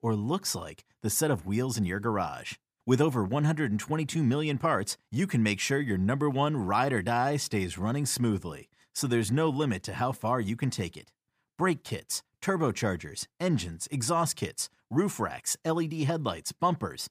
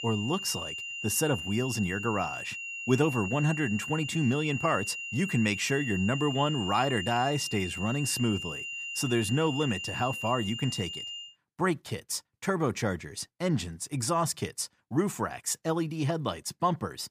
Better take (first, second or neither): first